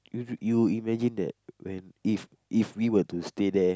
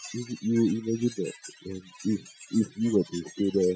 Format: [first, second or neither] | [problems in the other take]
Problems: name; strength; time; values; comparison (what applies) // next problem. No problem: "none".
first | noise reduction (classical method Wiener filter)